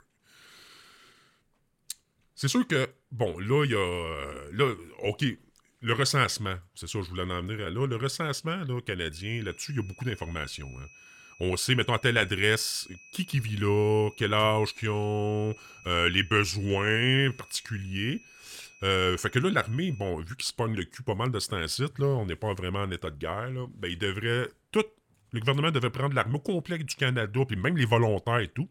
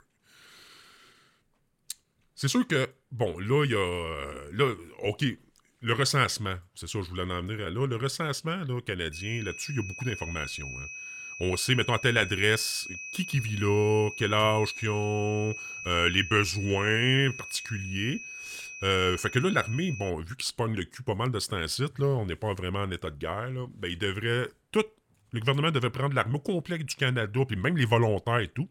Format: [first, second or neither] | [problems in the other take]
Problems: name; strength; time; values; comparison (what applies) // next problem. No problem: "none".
first | high-pitched whine; loud; from 9 to 20 s; 2.5 kHz, 10 dB below the speech; faint in the first